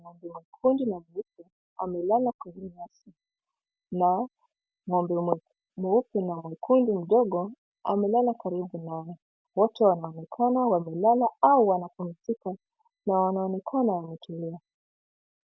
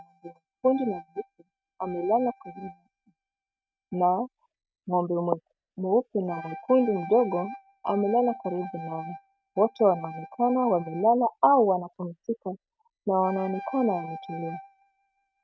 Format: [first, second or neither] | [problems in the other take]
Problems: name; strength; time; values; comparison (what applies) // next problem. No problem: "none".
first | noise reduction (neural mask model RNNoise)